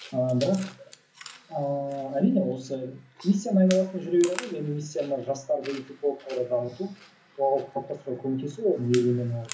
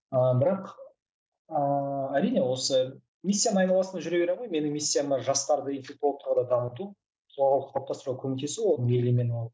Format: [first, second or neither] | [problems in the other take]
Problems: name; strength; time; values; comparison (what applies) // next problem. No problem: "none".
second | background sound (Chewing, mastication); 19 dB below the speech // room echo; dies away in 0.3 s